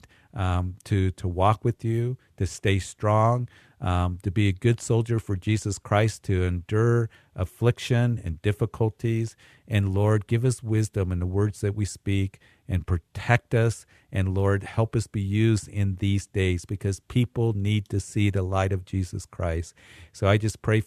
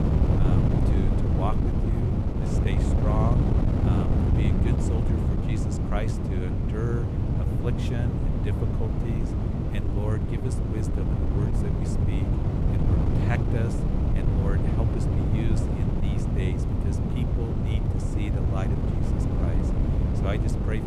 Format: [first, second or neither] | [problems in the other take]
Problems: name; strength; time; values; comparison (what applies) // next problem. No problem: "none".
first | wind noise on the microphone; heavy; 4 dB above the speech